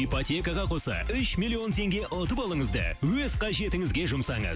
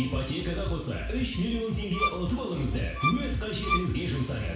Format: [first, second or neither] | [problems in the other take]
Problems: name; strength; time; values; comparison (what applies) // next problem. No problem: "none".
first | background sound (Bowed string instrument); 3 dB below the speech // room echo; dies away in 0.7 s